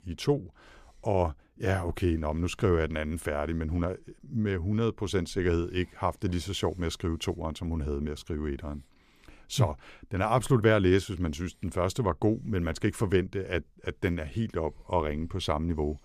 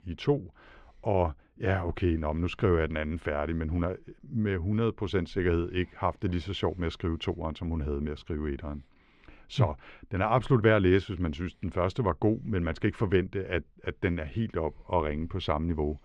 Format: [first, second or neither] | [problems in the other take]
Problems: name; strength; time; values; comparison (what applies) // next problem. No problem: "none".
first | muffled; slightly; fading above 2.5 kHz